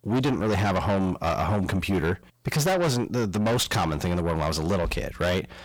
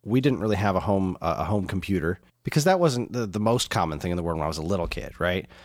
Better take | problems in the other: second | distortion; heavy; 6 dB below the speech

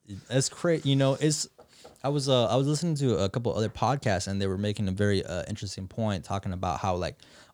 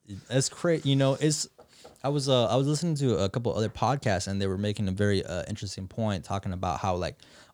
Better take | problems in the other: neither | none

